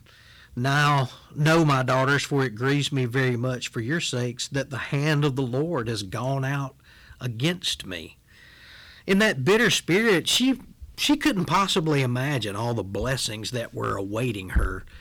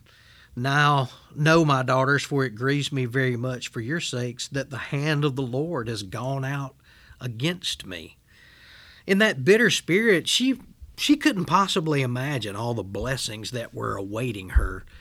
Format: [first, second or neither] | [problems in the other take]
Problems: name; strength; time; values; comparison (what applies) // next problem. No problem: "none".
second | distortion; slight; 6% of the sound clipped